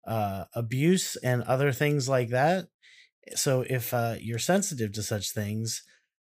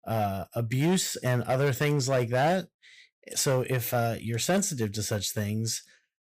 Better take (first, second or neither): first